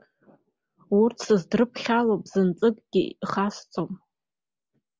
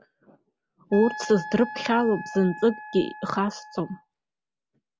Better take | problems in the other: first | background sound (Wind instrument, woodwind instrument); 13 dB below the speech

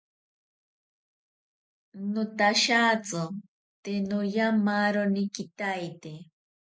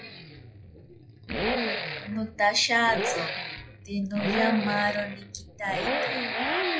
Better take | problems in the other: first | noise reduction (classical method log-MMSE)

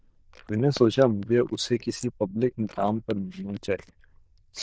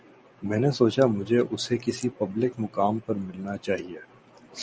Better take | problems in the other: second | noise reduction (neural diffusion model UNIVERSE++)

